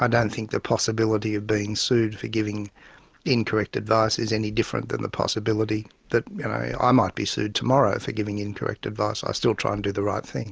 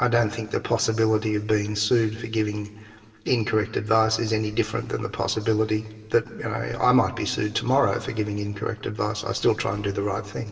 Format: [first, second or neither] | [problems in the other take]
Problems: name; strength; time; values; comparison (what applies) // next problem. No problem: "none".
first | room echo; dies away in 2 s